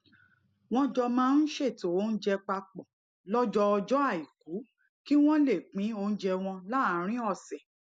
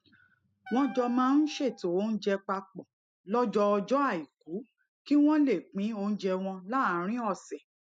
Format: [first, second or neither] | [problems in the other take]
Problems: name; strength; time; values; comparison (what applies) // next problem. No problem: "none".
first | noise reduction (neural mask model RNNoise)